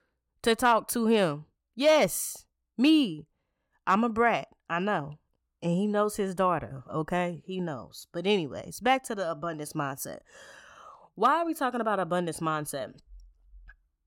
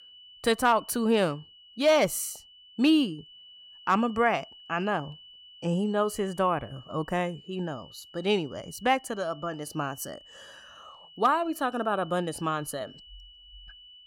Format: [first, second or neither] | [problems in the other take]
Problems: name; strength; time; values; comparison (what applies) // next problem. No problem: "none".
first | high-pitched whine; faint; throughout; 3 kHz, 20 dB below the speech